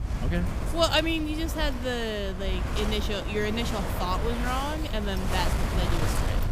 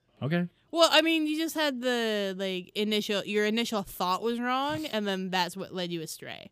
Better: second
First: wind noise on the microphone; heavy; 6 dB below the speech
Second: none

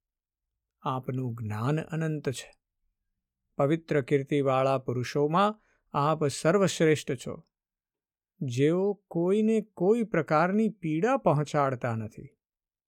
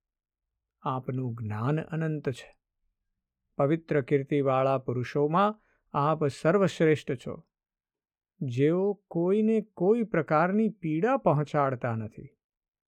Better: first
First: none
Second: muffled; slightly; fading above 3.5 kHz

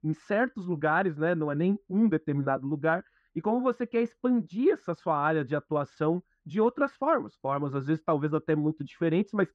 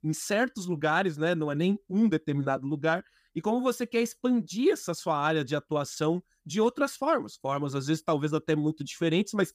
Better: second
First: muffled; very; fading above 1.5 kHz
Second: none

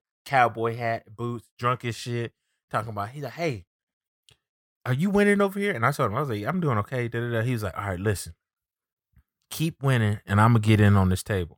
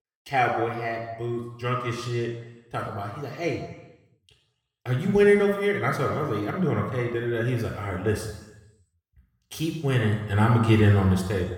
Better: first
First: none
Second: room echo; noticeable; dies away in 1 s // off-mic speech; somewhat distant

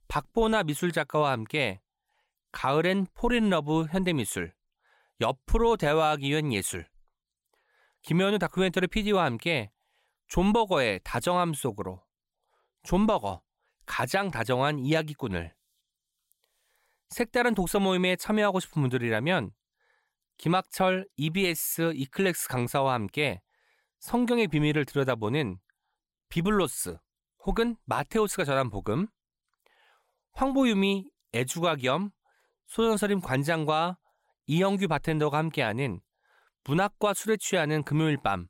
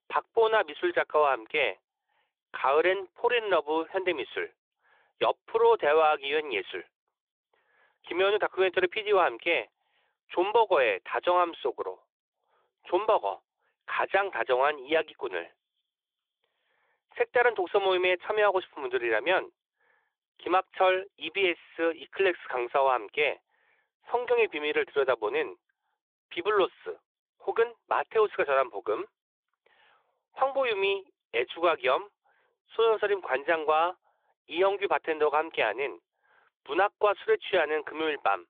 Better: first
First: none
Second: phone-call audio; nothing above 3.5 kHz

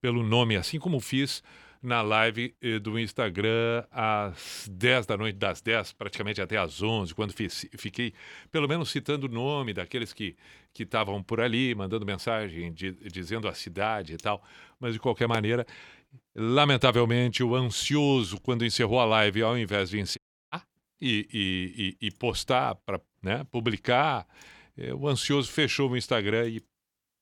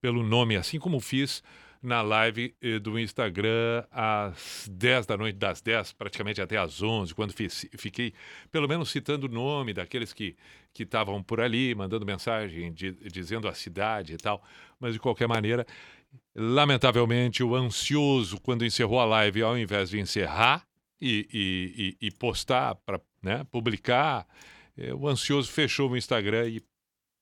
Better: second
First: audio cutting out; at 20 s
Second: none

